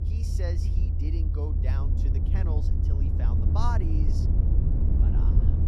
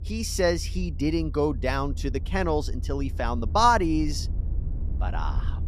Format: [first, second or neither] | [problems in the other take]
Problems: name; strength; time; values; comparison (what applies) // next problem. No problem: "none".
second | low rumble; loud; throughout; 1 dB below the speech; faint in the second